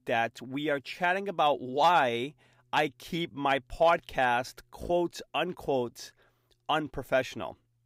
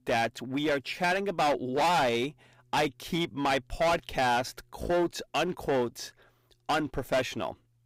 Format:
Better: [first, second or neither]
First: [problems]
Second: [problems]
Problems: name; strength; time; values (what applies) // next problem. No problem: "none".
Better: first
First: none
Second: distortion; heavy; 13% of the sound clipped